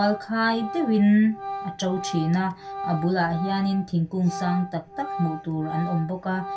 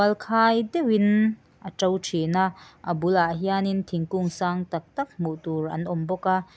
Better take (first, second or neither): second